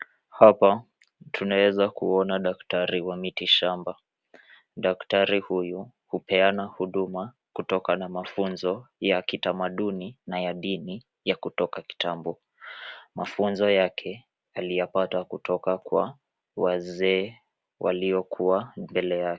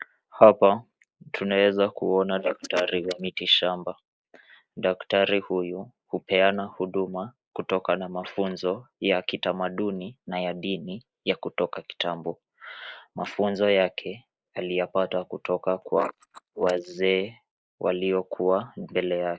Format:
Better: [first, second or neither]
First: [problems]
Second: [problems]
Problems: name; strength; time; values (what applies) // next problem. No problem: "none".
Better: first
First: none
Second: noise reduction (neural mask model Resemble Enhance denoiser)